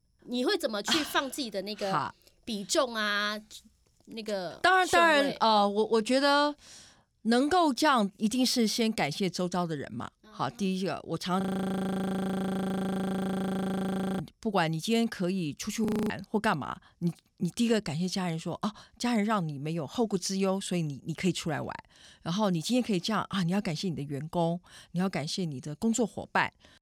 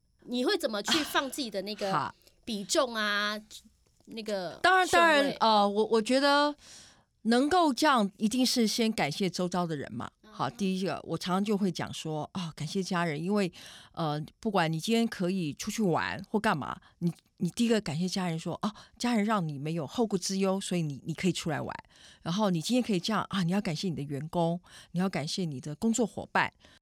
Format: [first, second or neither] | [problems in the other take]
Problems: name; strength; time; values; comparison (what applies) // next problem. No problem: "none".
second | audio freezing; at 11 s for 3 s and at 16 s